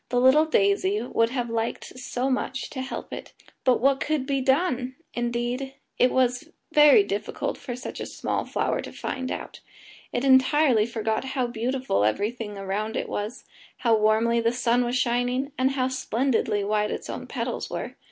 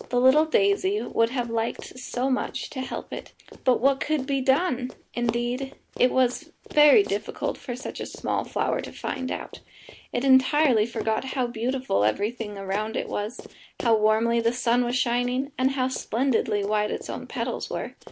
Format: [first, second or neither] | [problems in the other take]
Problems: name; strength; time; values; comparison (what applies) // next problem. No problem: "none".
first | background sound (Run); 18 dB below the speech